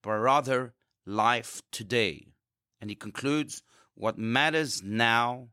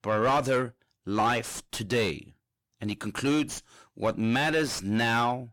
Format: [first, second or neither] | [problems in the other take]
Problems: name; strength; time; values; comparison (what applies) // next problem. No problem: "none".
first | distortion; heavy; 5 dB below the speech